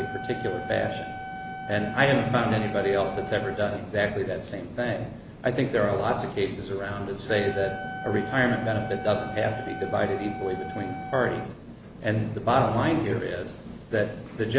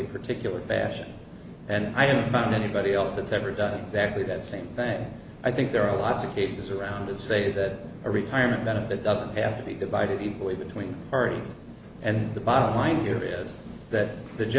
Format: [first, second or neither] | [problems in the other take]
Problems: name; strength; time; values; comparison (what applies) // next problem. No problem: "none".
second | background sound (Wind instrument, woodwind instrument); 12 dB below the speech